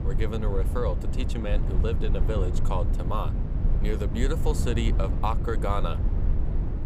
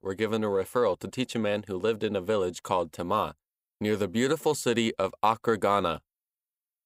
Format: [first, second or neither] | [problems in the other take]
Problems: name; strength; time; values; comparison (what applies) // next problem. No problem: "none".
second | low rumble; loud; throughout; 8 dB below the speech